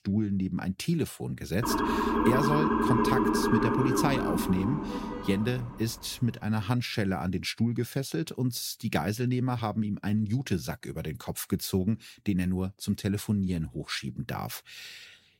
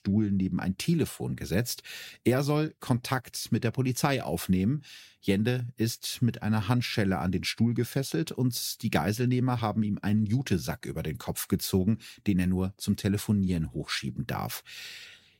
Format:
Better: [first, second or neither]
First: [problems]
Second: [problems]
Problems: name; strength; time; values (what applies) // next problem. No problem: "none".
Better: second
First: siren; loud; from 1.5 to 6 s; peak 5 dB above the speech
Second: none